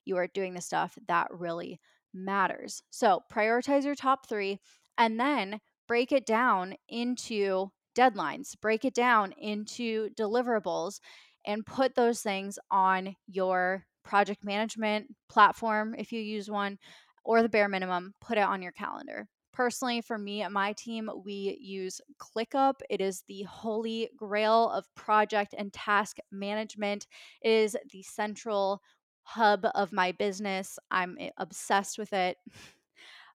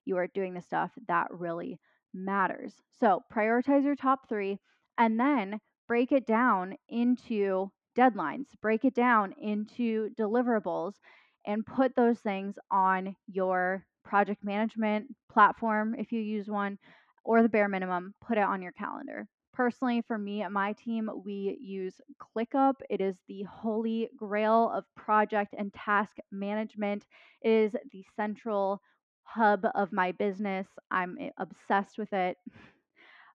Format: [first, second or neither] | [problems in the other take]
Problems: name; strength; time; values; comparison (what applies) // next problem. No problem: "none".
first | muffled; very; fading above 2 kHz